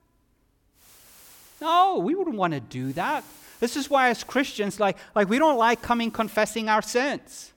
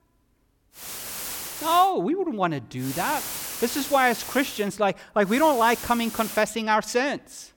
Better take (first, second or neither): first